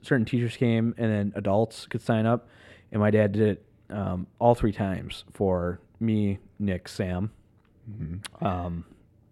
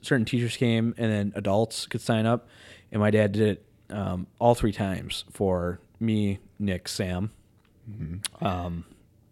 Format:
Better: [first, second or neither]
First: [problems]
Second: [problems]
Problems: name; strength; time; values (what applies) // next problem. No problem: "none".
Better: second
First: muffled; slightly; fading above 3 kHz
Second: none